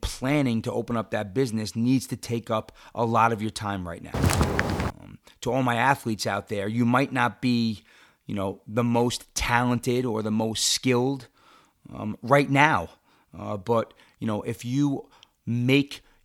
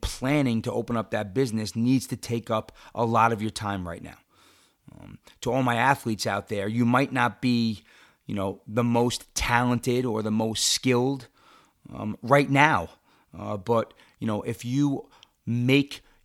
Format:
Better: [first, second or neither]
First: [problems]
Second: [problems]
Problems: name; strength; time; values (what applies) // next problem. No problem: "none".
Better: second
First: footsteps; loud; at 4 s; peak 2 dB above the speech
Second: none